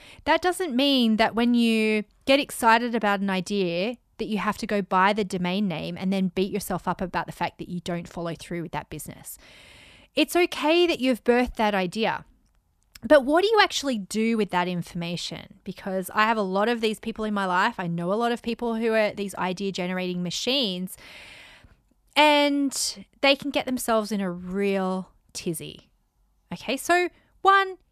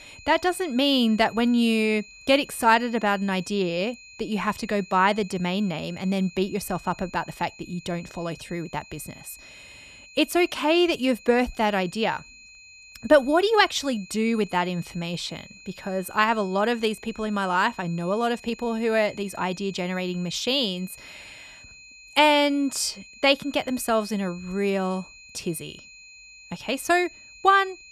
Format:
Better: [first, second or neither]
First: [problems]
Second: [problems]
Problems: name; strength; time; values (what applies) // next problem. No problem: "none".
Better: first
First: none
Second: high-pitched whine; faint; throughout; 2.5 kHz, 20 dB below the speech